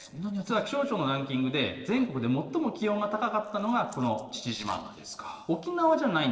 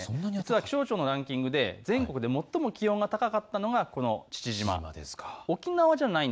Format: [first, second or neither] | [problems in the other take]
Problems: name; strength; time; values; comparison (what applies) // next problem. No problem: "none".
second | noise reduction (neural separator model SepFormer DNS4)